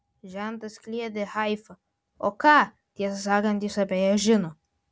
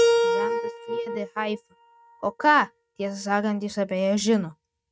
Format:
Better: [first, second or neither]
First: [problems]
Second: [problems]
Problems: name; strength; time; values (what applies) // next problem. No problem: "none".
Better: first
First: none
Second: noise reduction (neural mask model RNNoise)